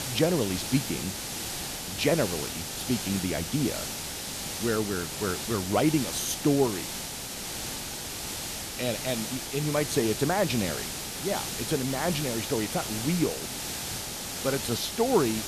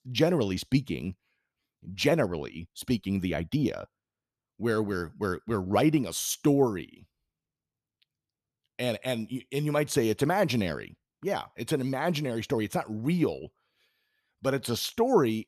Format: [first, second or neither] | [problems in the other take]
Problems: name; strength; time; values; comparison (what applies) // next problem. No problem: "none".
second | hiss; loud; throughout; 4 dB below the speech